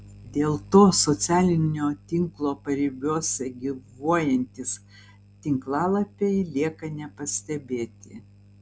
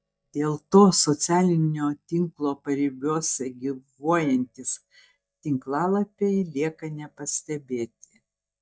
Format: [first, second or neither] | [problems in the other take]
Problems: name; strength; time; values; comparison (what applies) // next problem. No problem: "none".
first | noise reduction (neural mask model DeepFilterNet 3)